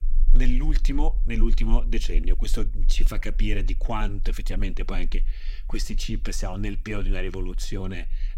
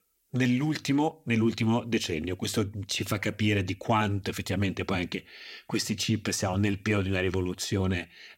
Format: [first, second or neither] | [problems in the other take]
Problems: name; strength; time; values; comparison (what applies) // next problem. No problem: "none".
second | low rumble; faint; throughout; 25 dB below the speech